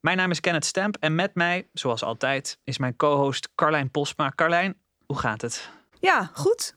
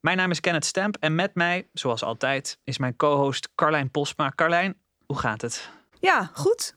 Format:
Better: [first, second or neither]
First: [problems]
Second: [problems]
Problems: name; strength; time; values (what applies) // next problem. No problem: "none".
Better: neither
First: none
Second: none